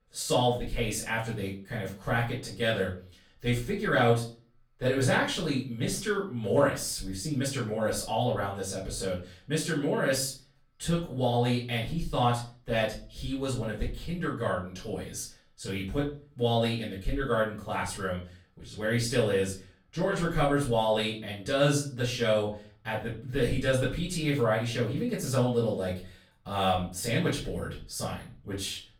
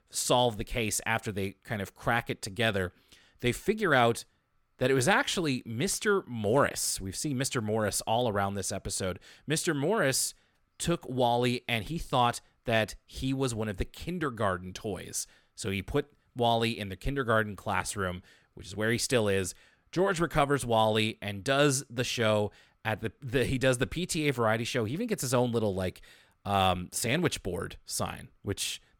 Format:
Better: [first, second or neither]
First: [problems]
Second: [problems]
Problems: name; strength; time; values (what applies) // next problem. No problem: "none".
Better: second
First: off-mic speech; far // room echo; slight; dies away in 0.4 s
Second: none